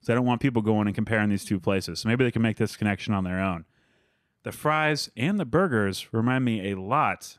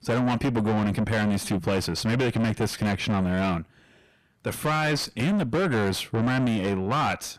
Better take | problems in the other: first | distortion; heavy; 6 dB below the speech

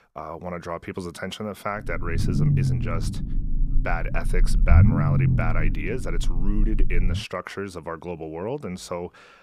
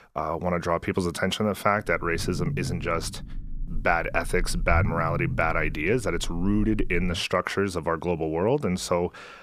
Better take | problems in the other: second | low rumble; loud; from 2 to 7 s; 5 dB below the speech; faint in the second

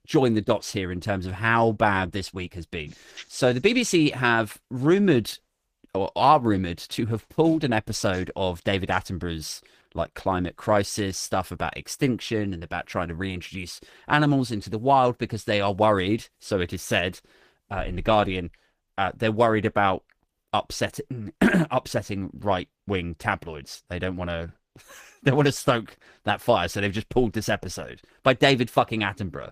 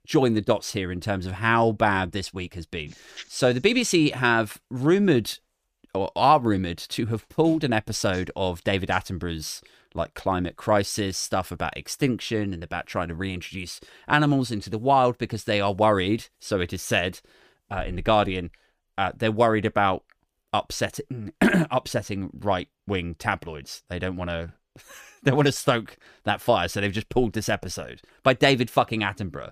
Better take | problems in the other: second | garbled, watery; slightly; nothing above 15 kHz

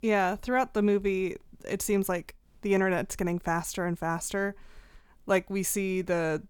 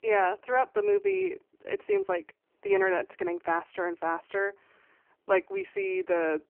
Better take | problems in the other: first | phone-call audio; poor line

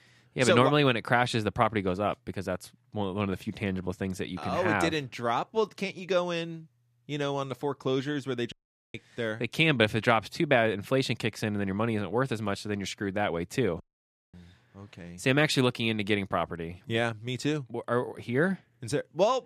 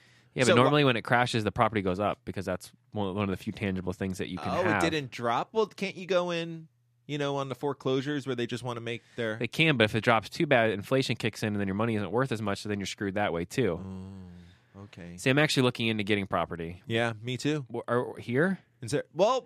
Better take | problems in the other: second | audio cutting out; at 8.5 s and at 14 s for 0.5 s

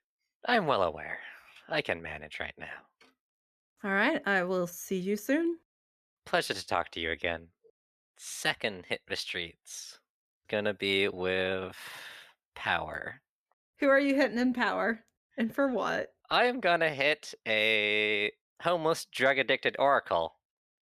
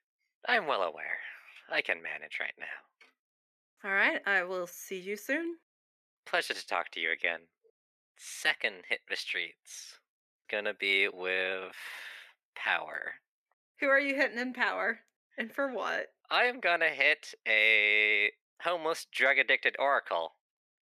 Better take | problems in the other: first | thin; somewhat; fading below 350 Hz

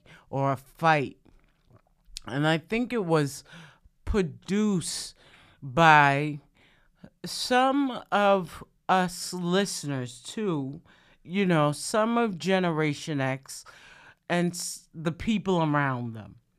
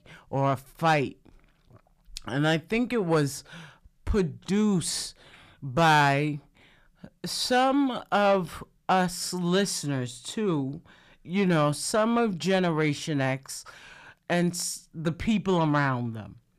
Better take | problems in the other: first | distortion; slight; 10 dB below the speech

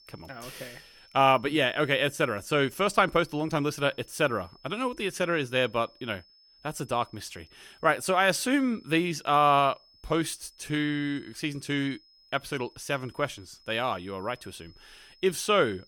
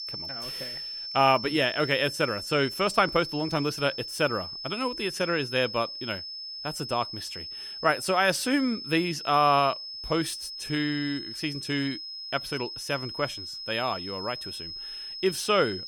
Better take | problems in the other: first | high-pitched whine; loud; throughout; 5 kHz, 8 dB below the speech; faint in the first

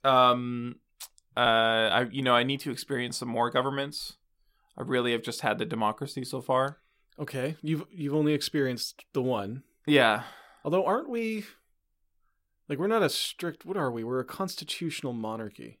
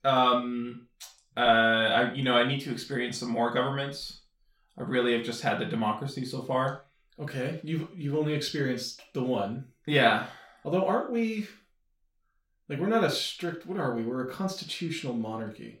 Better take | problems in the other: first | room echo; slight; dies away in 0.3 s // off-mic speech; far

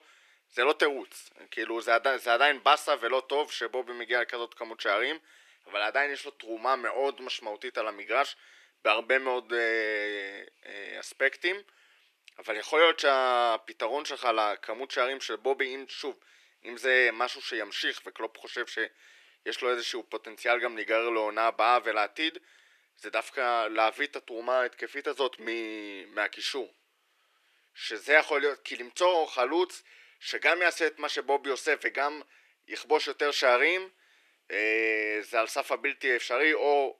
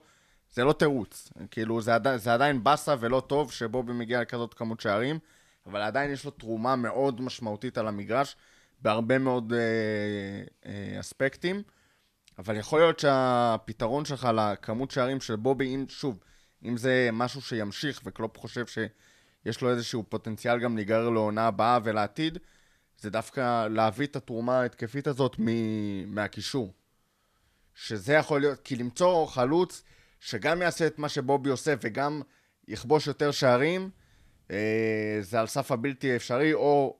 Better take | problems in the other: second | thin; very; fading below 350 Hz

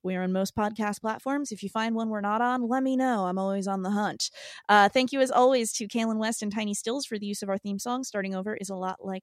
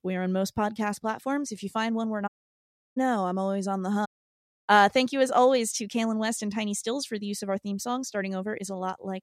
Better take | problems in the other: first | audio cutting out; at 2.5 s for 0.5 s and at 4 s for 0.5 s

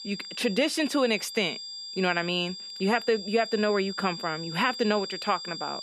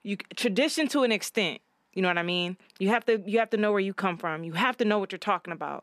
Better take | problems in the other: second | high-pitched whine; loud; throughout; 5 kHz, 9 dB below the speech

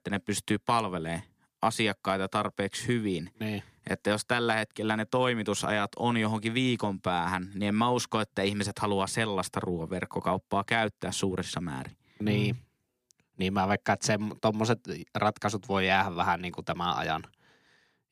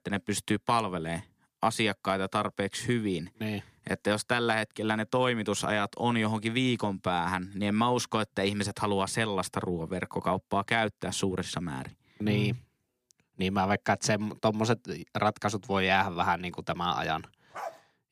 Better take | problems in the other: first | dog barking; faint; at 18 s; peak 10 dB below the speech

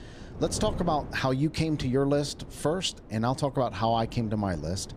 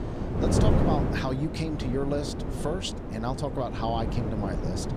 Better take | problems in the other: first | wind noise on the microphone; heavy; 2 dB below the speech; occasional gusts in the first

